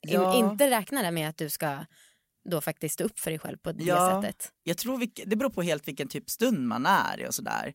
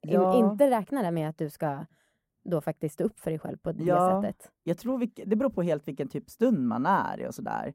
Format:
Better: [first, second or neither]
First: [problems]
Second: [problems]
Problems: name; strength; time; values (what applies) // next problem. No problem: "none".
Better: first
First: none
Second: muffled; very; fading above 1.5 kHz